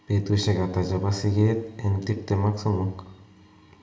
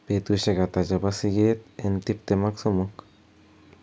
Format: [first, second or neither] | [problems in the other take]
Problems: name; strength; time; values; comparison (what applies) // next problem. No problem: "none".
second | room echo; dies away in 0.6 s